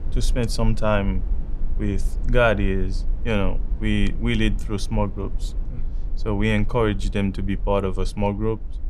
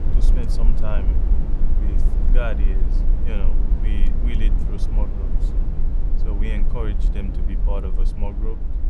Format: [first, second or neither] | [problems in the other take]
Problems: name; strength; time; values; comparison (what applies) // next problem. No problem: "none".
first | low rumble; loud; throughout; 4 dB below the speech; faint in the first